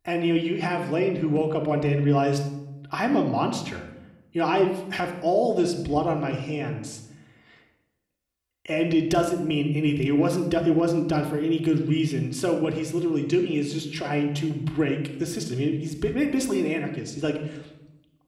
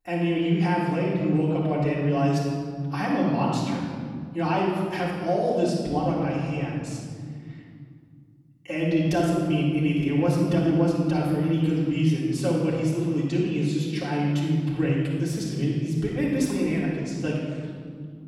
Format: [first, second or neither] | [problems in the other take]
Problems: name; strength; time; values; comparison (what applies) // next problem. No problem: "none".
first | room echo; strong; dies away in 2.2 s; slight in the first // off-mic speech; far